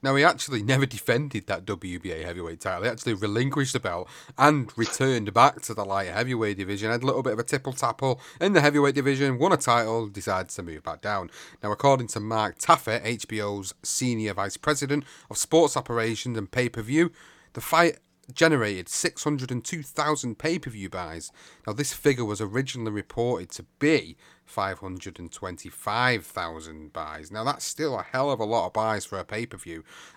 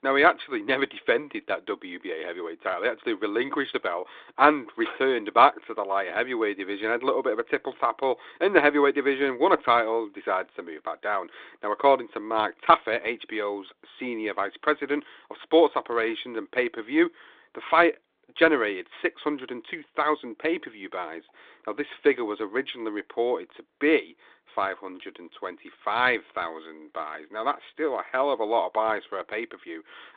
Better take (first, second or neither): first